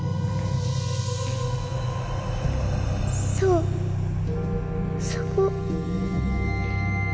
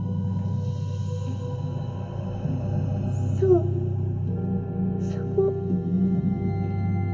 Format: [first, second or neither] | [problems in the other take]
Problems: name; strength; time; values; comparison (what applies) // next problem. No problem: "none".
first | room echo; dies away in 0.3 s